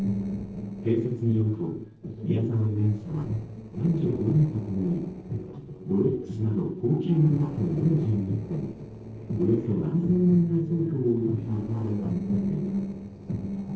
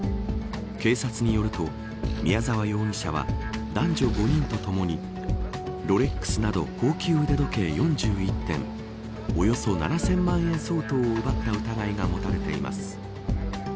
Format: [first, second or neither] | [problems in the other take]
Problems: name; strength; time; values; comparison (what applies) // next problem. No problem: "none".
second | noise reduction (neural separator model SepFormer DNS4)